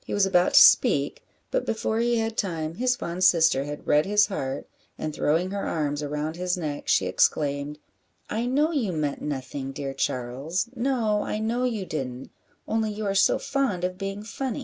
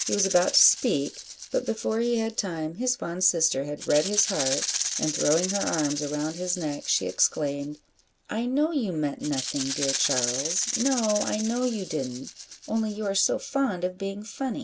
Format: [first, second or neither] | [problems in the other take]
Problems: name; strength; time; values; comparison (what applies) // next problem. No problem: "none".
first | background sound (Rattle (instrument)); 7 dB below the speech